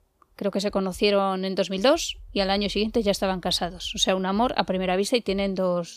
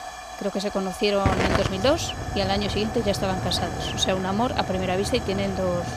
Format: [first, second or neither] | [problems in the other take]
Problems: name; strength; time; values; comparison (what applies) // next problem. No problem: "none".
first | hiss; loud; throughout; 4 dB below the speech